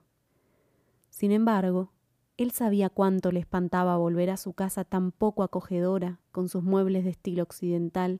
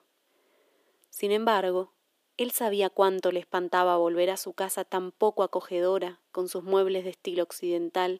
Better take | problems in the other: first | thin; very; fading below 350 Hz

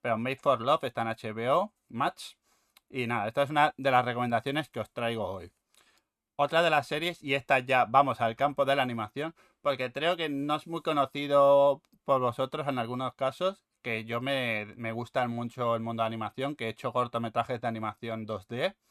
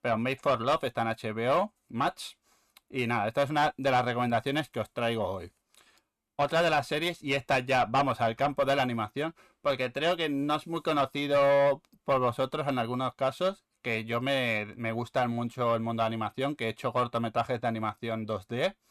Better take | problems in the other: first | distortion; slight; 10 dB below the speech

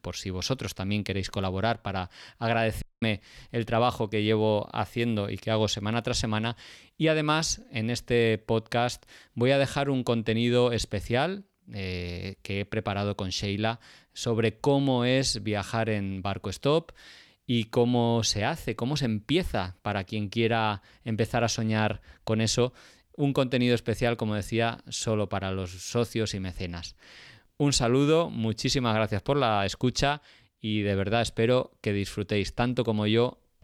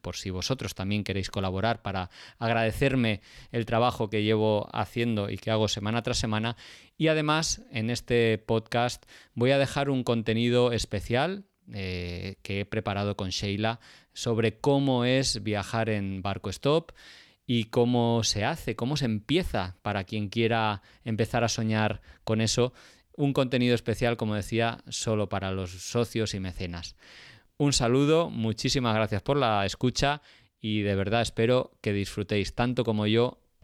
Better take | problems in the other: second | audio cutting out; at 3 s

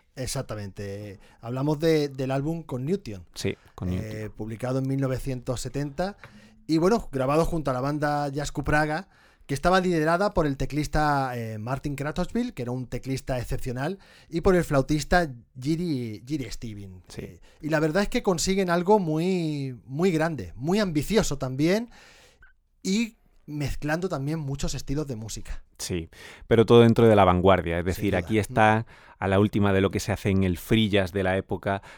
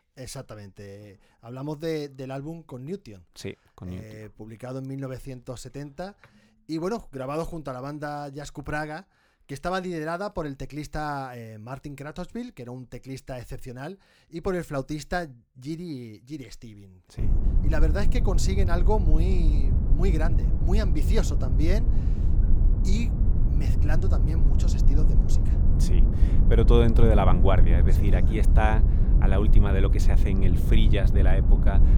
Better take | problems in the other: first | low rumble; loud; from 17 s on; 6 dB below the speech

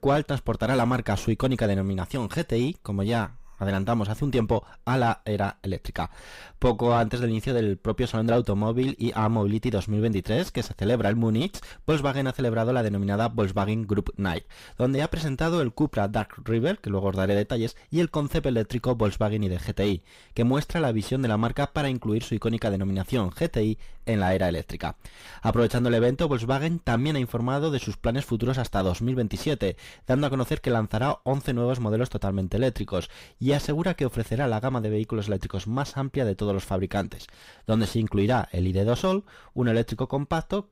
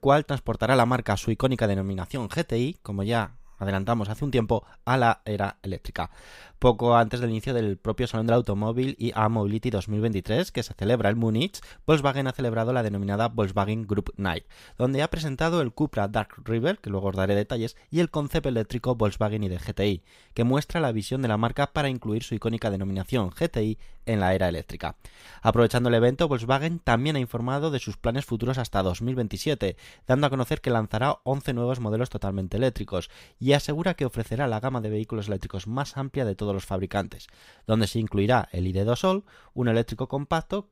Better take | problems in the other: second | distortion; slight; 9 dB below the speech

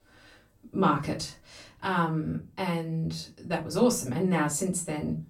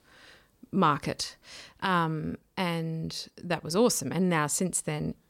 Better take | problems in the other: second | off-mic speech; far // room echo; very slight; dies away in 0.3 s

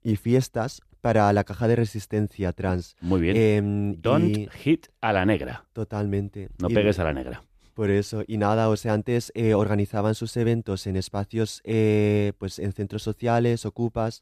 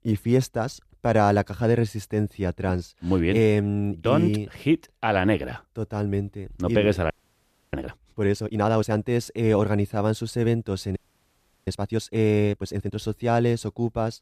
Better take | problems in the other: first | audio freezing; at 7 s for 0.5 s and at 11 s for 0.5 s

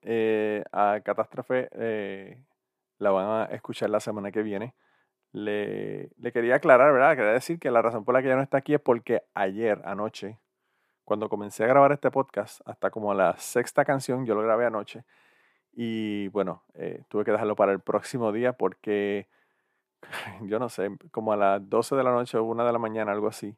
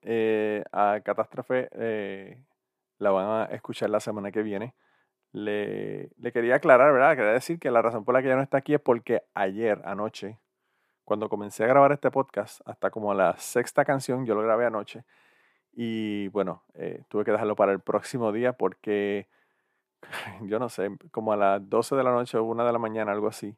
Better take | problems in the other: neither | none

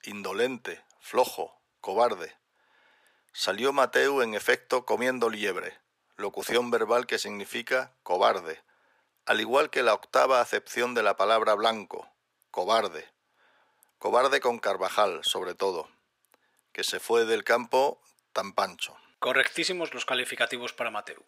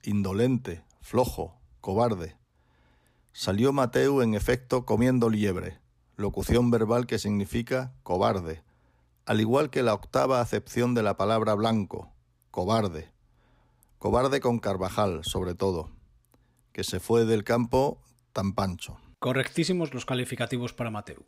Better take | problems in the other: second | thin; very; fading below 550 Hz

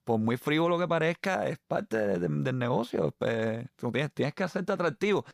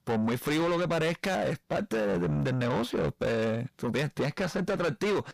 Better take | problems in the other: first | distortion; heavy; 7 dB below the speech

